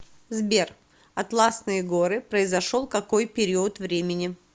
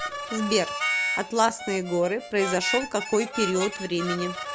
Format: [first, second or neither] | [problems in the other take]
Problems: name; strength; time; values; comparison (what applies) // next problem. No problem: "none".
first | background sound (Harmonica); 5 dB below the speech